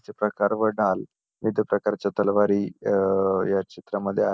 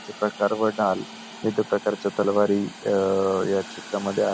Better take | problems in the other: first | background sound (Hiss); 17 dB below the speech

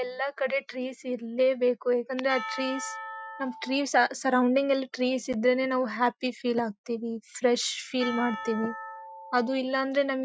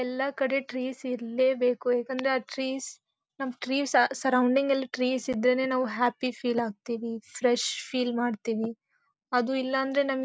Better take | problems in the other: second | noise reduction (classical method Wiener filter)

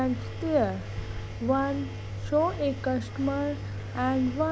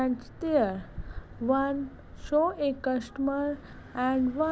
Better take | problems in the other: second | background sound (Engine); 7 dB below the speech

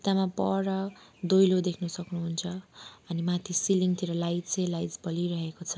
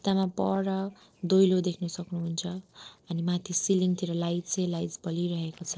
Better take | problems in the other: first | noise reduction (neural separator model SepFormer DNS4)

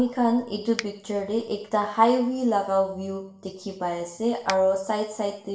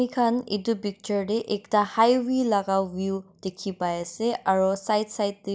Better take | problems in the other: second | background sound (Finger snapping); 11 dB below the speech // room echo; dies away in 0.7 s

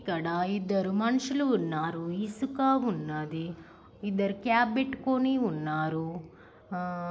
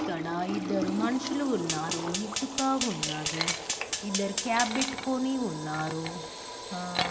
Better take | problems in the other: first | background sound (Fire + Liquid); 2 dB below the speech

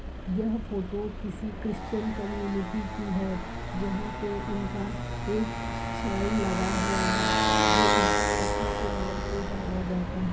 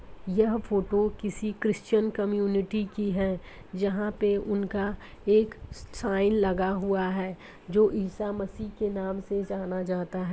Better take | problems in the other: second | background sound (Motorcycle); 3 dB above the speech // room echo; dies away in 0.5 s

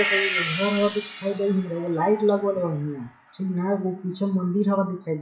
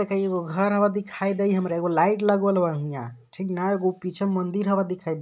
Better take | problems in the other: second | noise reduction (classical method WPE with log-MMSE)

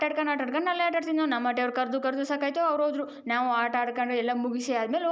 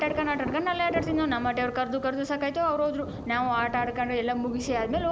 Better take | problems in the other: first | background sound (Thunder); 11 dB below the speech

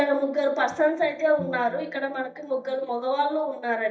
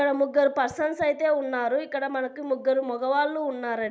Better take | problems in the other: second | noise reduction (neural mask model DeepFilterNet 3)

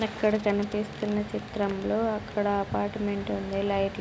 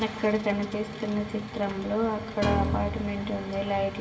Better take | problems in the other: first | background sound (Piano); 3 dB below the speech // room echo; dies away in 2 s

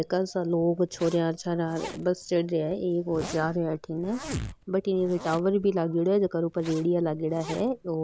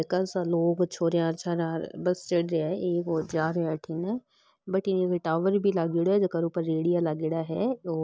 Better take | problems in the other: second | background sound (Zipper (clothing)); 16 dB below the speech

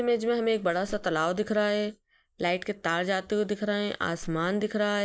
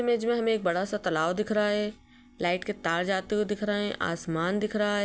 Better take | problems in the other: second | noise reduction (neural mask model Resemble Enhance denoiser)

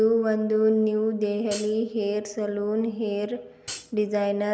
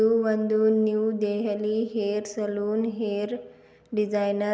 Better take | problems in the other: second | background sound (Hi-hat); 13 dB below the speech

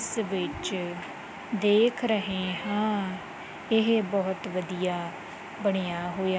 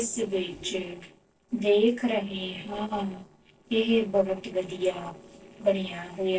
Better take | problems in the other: first | noise reduction (neural separator model SepFormer DNS4)

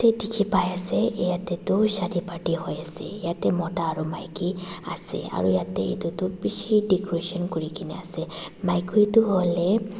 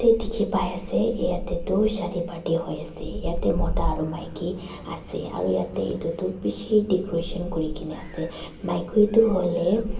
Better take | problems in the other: first | background sound (Gull, seagull); 7 dB below the speech // room echo; dies away in 0.3 s

